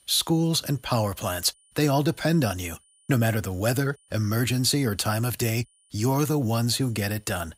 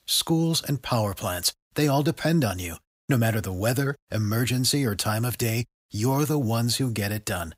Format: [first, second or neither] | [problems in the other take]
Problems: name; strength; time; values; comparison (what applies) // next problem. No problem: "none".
second | high-pitched whine; faint; throughout; 9.5 kHz, 35 dB below the speech